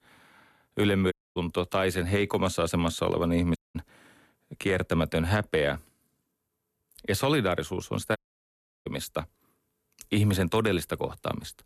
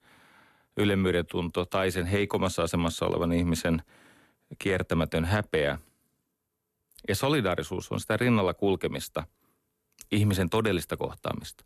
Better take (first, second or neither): second